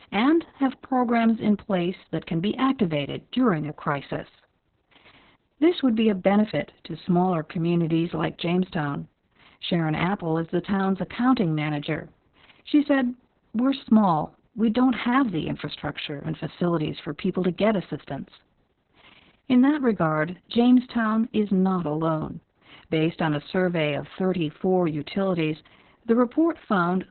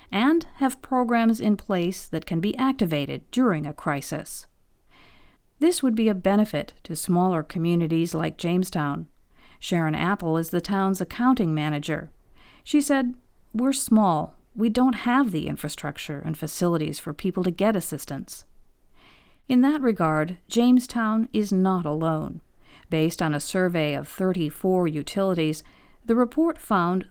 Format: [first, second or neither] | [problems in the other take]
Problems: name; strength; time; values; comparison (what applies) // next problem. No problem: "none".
second | garbled, watery; badly; nothing above 4 kHz; slightly in the second